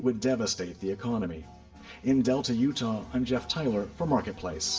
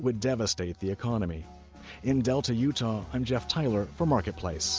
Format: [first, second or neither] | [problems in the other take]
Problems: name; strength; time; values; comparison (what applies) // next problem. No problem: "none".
second | room echo; dies away in 0.4 s